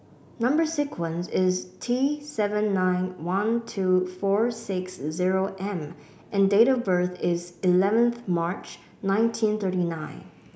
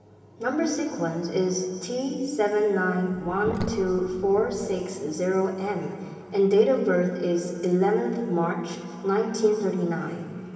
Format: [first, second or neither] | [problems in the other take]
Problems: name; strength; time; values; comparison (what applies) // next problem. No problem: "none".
first | background sound (Sink (filling or washing)); 11 dB below the speech // room echo; dies away in 2.6 s